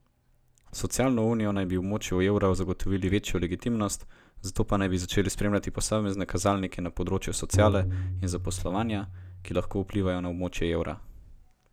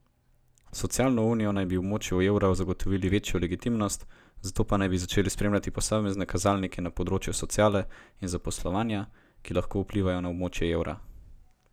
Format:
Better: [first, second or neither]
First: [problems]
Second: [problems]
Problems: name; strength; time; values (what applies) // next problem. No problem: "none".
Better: second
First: background sound (Tabla); 5 dB below the speech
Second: none